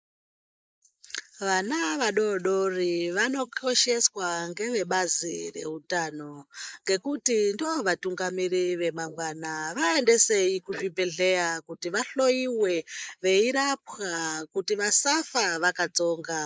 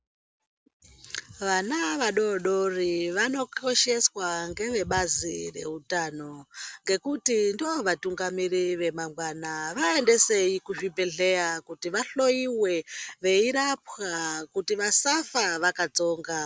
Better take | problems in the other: second | noise reduction (neural mask model Resemble Enhance denoiser)

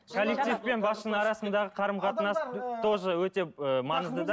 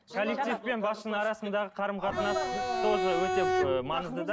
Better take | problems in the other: first | background sound (Bowed string instrument); 1 dB above the speech

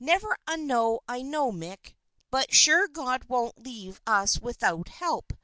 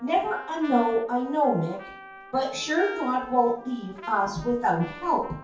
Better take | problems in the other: first | background sound (Trumpet); 17 dB below the speech // room echo; dies away in 0.6 s

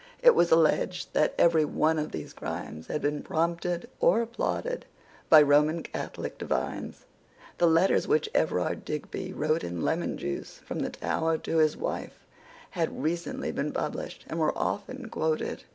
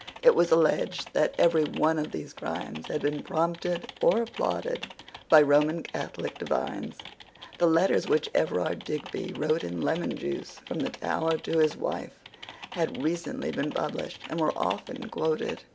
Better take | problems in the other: first | background sound (Typing); 18 dB below the speech

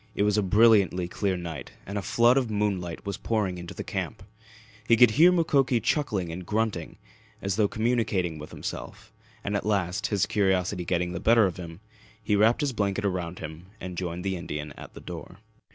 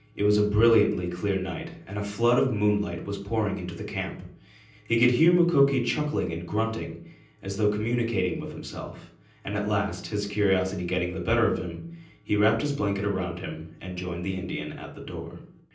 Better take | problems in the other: first | room echo; dies away in 0.6 s

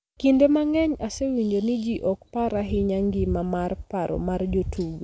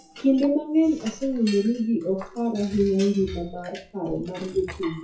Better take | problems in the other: first | noise reduction (classical method WPE with log-MMSE)

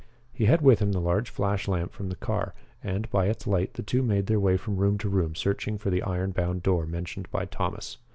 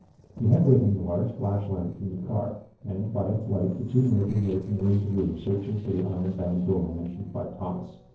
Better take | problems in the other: first | noise reduction (neural separator model SepFormer DNS4)

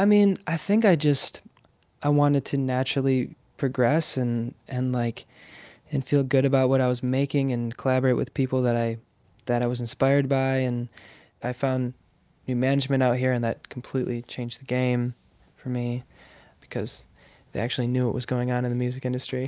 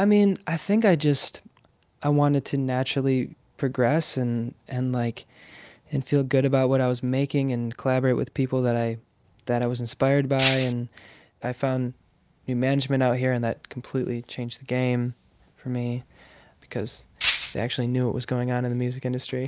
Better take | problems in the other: first | background sound (Rattle (instrument)); 2 dB below the speech

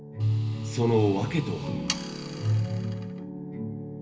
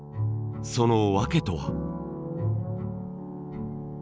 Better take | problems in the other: second | background sound (Sawing); 14 dB below the speech // room echo; dies away in 0.3 s

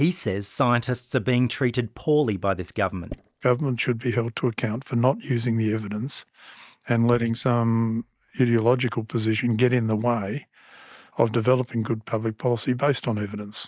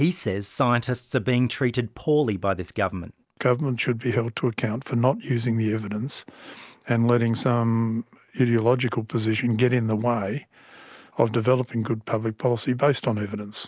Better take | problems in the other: second | noise reduction (neural mask model DeepFilterNet 3)

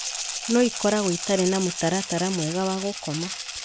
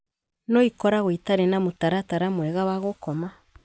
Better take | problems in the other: second | background sound (Rattle (instrument)); 7 dB below the speech

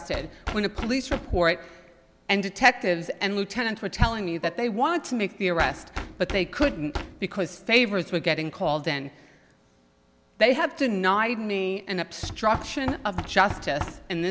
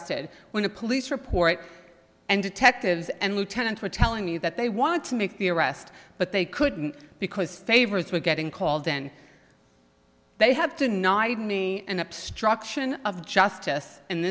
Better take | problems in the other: second | background sound (Bowed string instrument + Knock); 13 dB below the speech

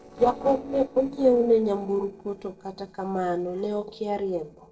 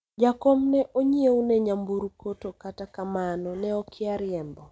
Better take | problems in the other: second | noise reduction (neural separator model SepFormer DNS4)

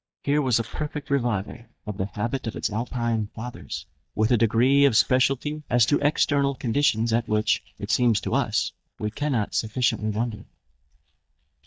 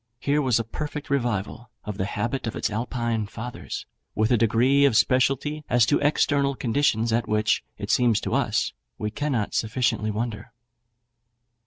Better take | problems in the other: second | noise reduction (neural mask model DeepFilterNet 3)

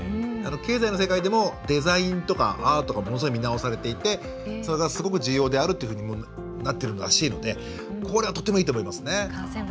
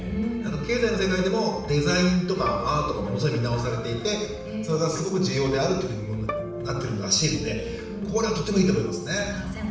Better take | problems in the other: first | background sound (Bowed string instrument); 16 dB below the speech // room echo; dies away in 0.7 s

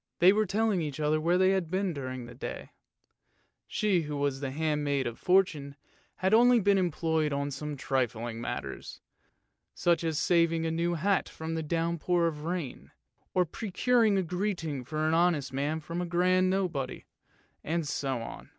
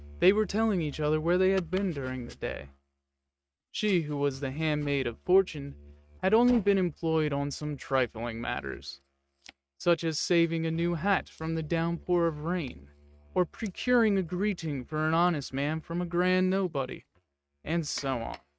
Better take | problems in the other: first | noise reduction (neural mask model RNNoise)

